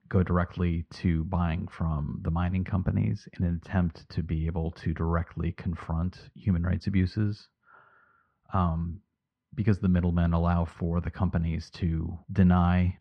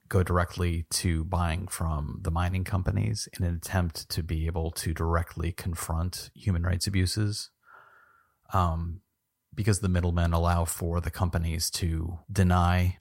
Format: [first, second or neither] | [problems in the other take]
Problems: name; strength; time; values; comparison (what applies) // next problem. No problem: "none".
second | muffled; slightly; fading above 3 kHz